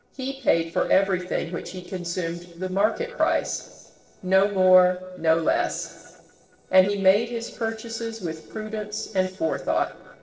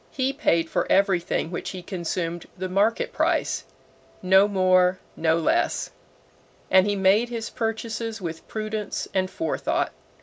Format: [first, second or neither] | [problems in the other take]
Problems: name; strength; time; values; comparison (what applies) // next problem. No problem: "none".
second | noise reduction (neural separator model SepFormer DNS4)